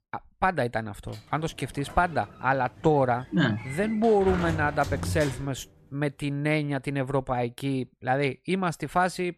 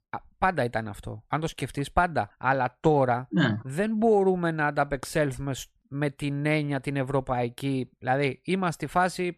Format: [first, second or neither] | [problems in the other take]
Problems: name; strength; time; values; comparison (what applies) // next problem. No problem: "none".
second | door banging; noticeable; from 1 to 5.5 s; peak 4 dB below the speech